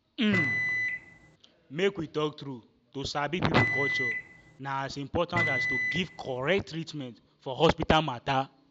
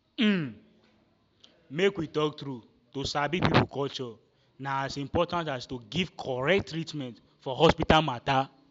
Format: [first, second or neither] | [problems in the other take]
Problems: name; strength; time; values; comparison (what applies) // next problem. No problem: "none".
second | background sound (Microwave oven); 1 dB above the speech